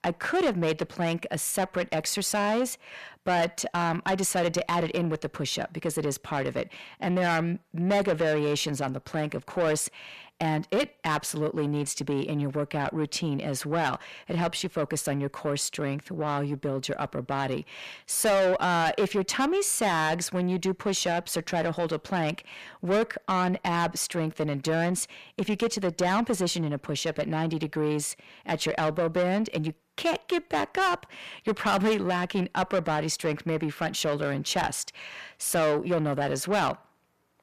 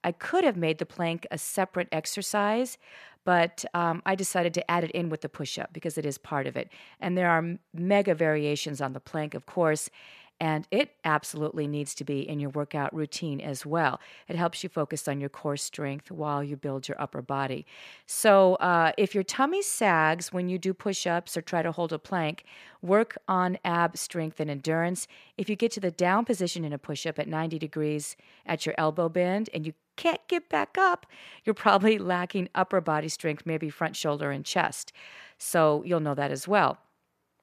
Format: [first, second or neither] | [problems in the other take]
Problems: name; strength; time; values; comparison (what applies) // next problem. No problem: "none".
second | distortion; heavy; 7 dB below the speech